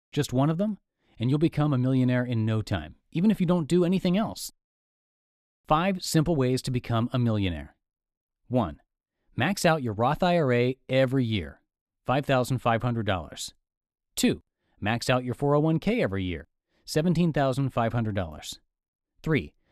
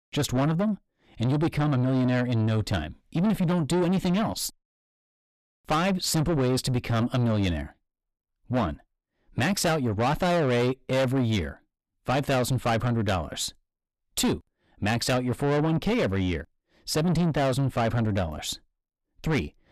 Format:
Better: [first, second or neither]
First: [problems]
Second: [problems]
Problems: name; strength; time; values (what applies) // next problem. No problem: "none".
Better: first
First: none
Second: distortion; heavy; 8 dB below the speech